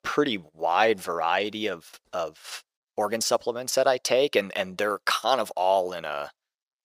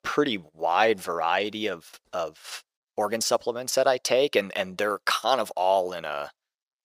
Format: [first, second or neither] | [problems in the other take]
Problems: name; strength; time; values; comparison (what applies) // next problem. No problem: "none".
neither | thin; very; fading below 600 Hz; the same in both